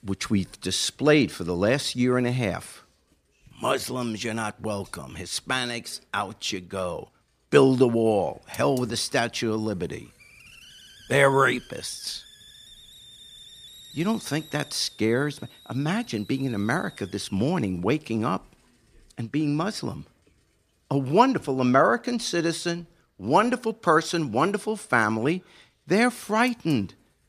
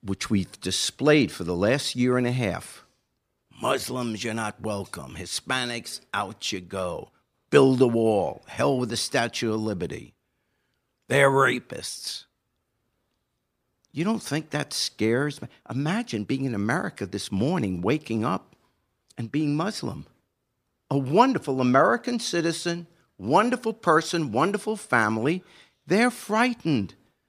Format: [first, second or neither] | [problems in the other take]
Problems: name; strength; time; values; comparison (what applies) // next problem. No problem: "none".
second | hiss; faint; throughout; 25 dB below the speech